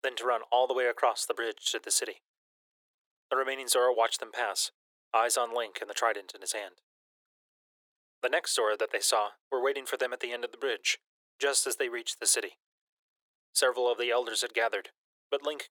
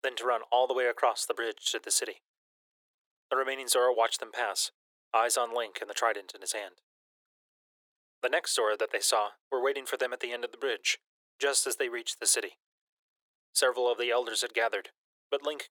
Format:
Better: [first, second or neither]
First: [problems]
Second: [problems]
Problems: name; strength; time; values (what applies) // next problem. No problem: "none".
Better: neither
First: thin; very; fading below 400 Hz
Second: thin; very; fading below 400 Hz